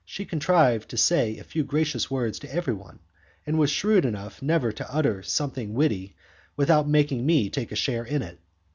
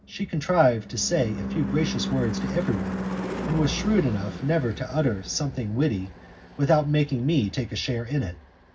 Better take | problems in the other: first | background sound (Car passing by / Engine / Truck); 8 dB below the speech // room echo; dies away in 0.4 s

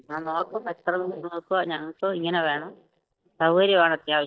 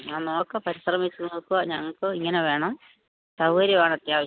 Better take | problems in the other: second | noise reduction (neural mask model DeepFilterNet 3)

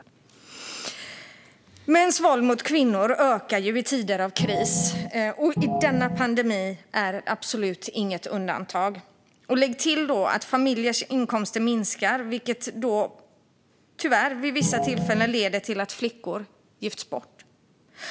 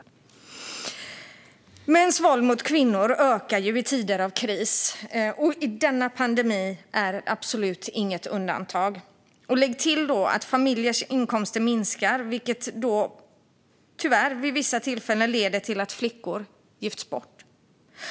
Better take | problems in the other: second | background sound (Organ); 1 dB below the speech

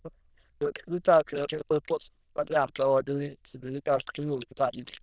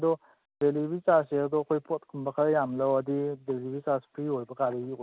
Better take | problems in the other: second | noise reduction (neural diffusion model UNIVERSE++)

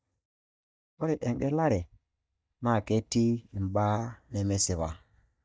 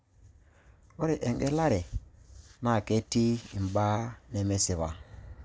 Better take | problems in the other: second | noise reduction (neural mask model DeepFilterNet 3)

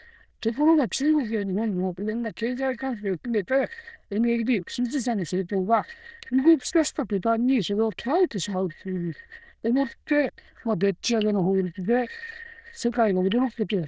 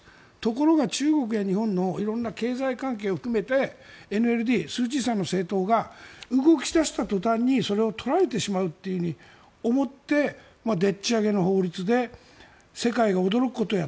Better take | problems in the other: second | noise reduction (neural diffusion model UNIVERSE++)

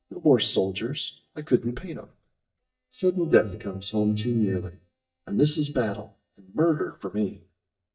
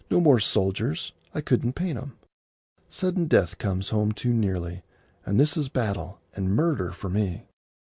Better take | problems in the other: second | noise reduction (neural mask model DeepFilterNet 3)

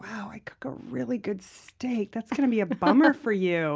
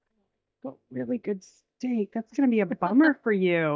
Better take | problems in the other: first | noise reduction (neural mask model DeepFilterNet 3)

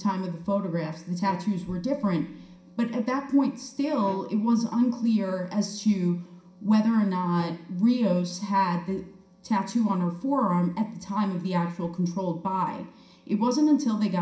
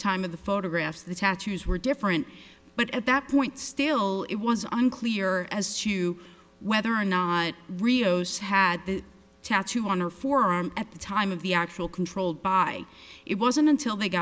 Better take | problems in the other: second | background sound (Bowed string instrument); 20 dB below the speech // room echo; dies away in 0.5 s

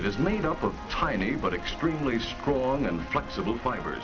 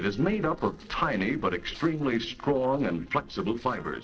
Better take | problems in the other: first | noise reduction (neural separator model SepFormer DNS4)

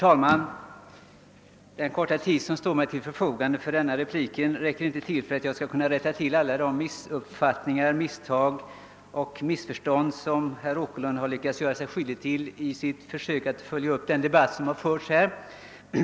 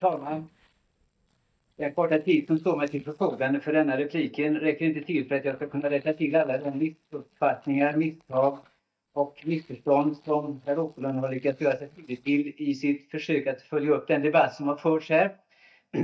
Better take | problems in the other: first | noise reduction (neural mask model DeepFilterNet 3)

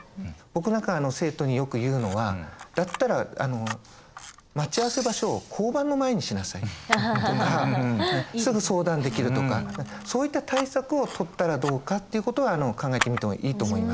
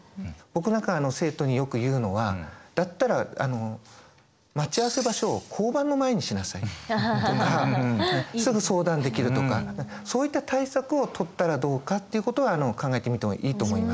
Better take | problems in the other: second | background sound (Camera); 13 dB below the speech

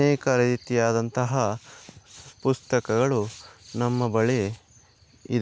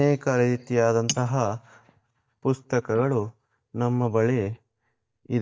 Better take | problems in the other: first | noise reduction (neural mask model DeepFilterNet 3)

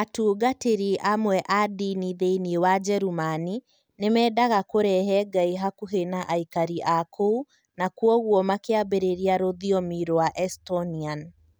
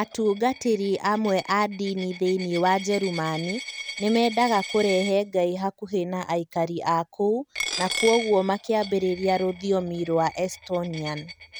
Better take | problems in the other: first | background sound (Coin (dropping)); 12 dB below the speech

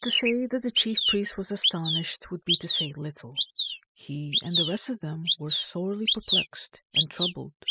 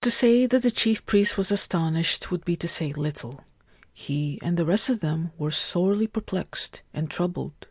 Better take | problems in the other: second | noise reduction (classical method spectral subtraction)

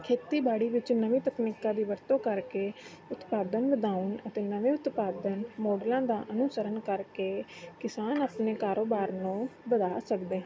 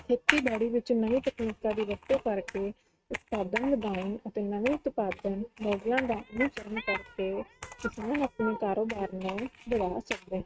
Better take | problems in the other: first | noise reduction (neural mask model RNNoise)

